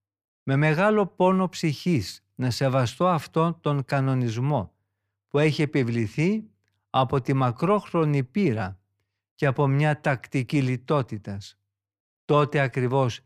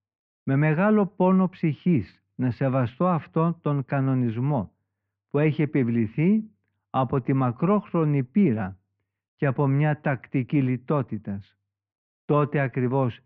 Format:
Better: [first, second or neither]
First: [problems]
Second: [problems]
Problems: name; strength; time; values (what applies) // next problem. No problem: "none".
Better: first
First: none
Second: muffled; very; fading above 2.5 kHz